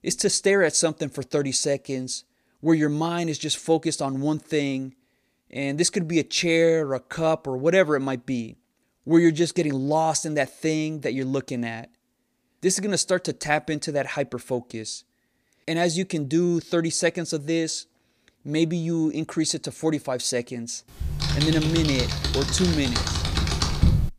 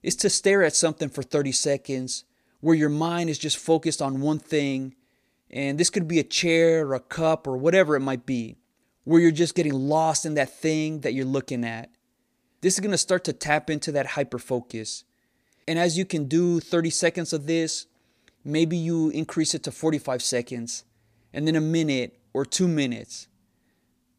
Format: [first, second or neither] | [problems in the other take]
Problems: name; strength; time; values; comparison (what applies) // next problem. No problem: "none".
second | keyboard typing; loud; from 21 s on; peak 3 dB above the speech